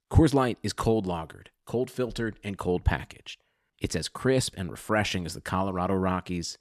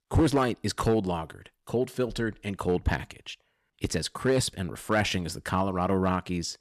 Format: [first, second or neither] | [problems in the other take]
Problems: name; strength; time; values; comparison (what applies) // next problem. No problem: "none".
first | distortion; slight; 2% of the sound clipped